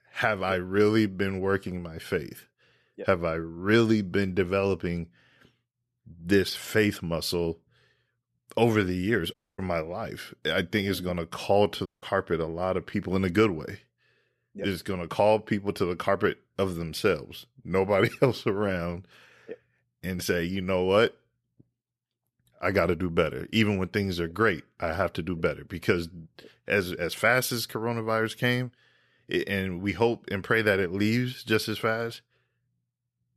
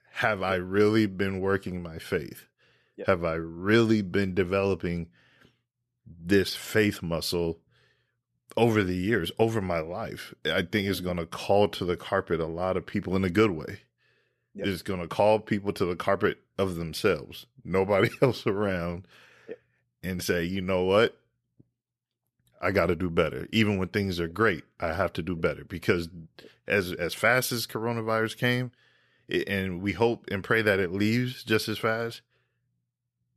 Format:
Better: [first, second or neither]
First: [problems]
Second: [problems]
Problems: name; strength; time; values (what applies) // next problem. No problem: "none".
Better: second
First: audio cutting out; at 9.5 s and at 12 s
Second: none